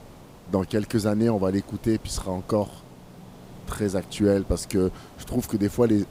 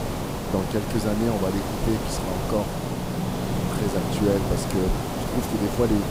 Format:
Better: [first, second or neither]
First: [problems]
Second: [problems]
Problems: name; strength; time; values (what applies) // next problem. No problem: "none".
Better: first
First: hiss; faint; throughout; 20 dB below the speech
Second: hiss; loud; throughout; 1 dB below the speech